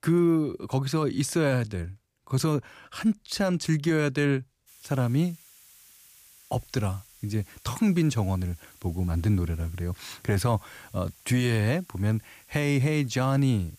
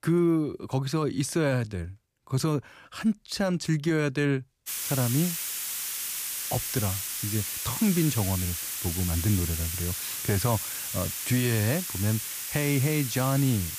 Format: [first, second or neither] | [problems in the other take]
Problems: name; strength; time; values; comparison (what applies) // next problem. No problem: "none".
first | hiss; loud; from 4.5 s on; 2 dB below the speech; faint in the first